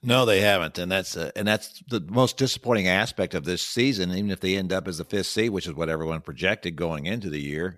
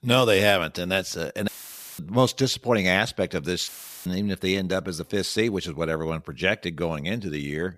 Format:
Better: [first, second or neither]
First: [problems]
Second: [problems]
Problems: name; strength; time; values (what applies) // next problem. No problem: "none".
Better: first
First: none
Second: audio cutting out; filled with static; at 1.5 s for 0.5 s and at 3.5 s